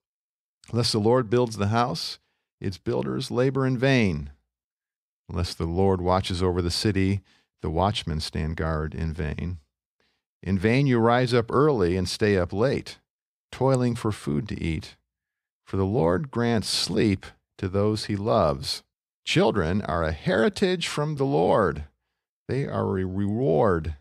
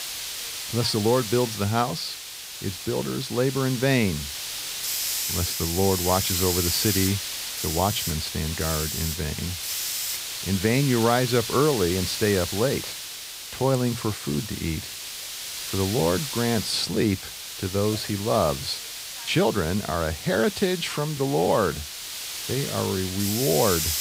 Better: first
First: none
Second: hiss; loud; throughout; 4 dB below the speech

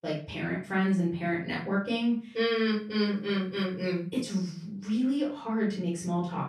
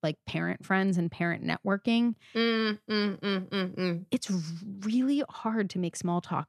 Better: second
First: room echo; noticeable; dies away in 0.3 s // off-mic speech; far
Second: none

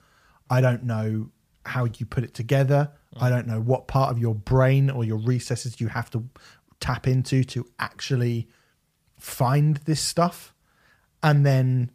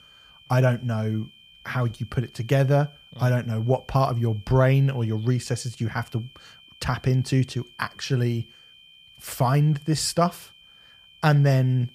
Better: first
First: none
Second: high-pitched whine; faint; throughout; 3 kHz, 25 dB below the speech

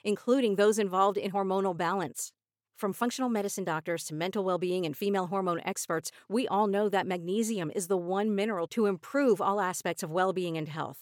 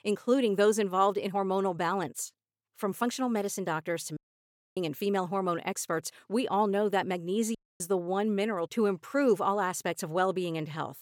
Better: first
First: none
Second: audio cutting out; at 4 s for 0.5 s and at 7.5 s

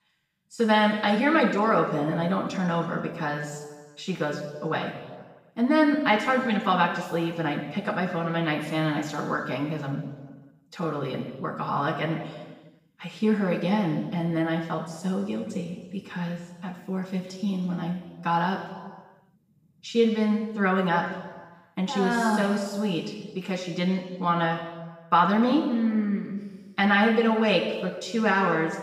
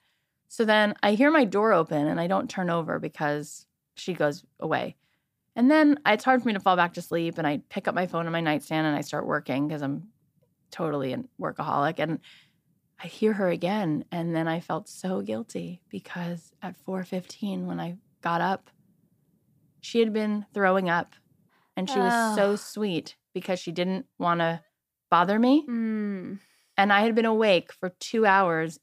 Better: second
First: room echo; noticeable; dies away in 1.2 s // off-mic speech; far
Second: none

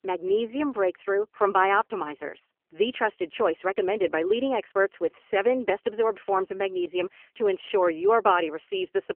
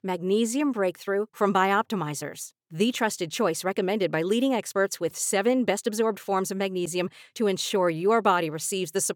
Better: second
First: phone-call audio; poor line; nothing above 3 kHz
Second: none

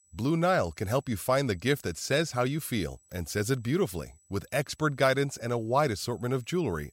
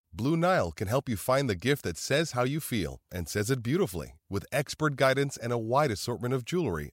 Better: second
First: high-pitched whine; faint; throughout; 8 kHz, 30 dB below the speech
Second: none

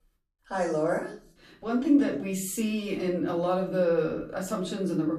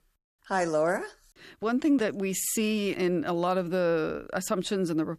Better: second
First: room echo; slight; dies away in 0.4 s // off-mic speech; far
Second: none

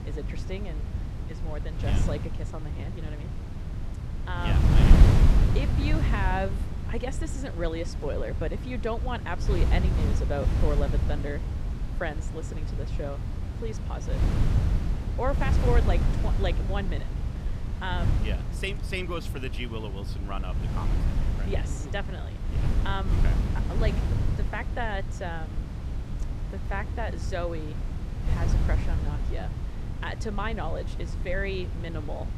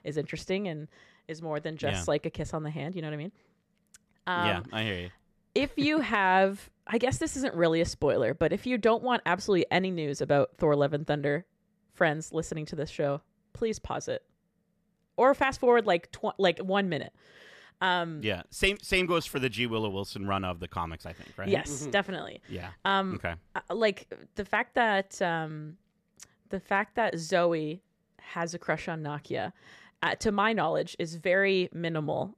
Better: second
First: wind noise on the microphone; heavy; 5 dB below the speech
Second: none

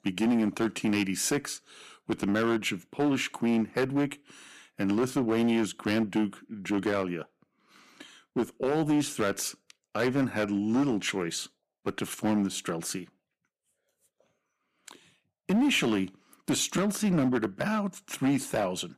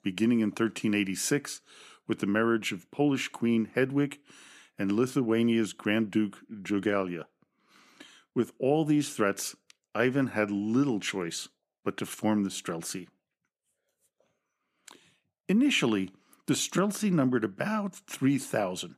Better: second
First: distortion; slight; 7% of the sound clipped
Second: none

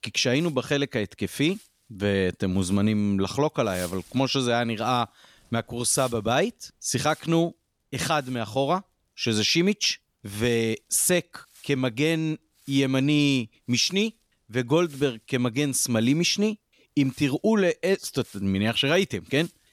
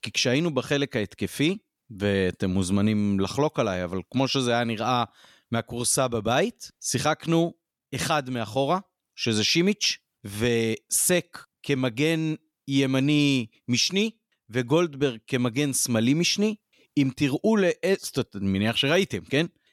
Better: second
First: wind noise on the microphone; occasional gusts; 25 dB below the speech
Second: none

